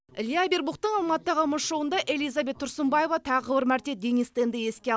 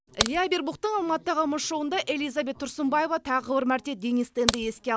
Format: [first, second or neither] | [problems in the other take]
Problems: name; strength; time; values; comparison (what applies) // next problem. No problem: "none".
first | background sound (Crack); 3 dB below the speech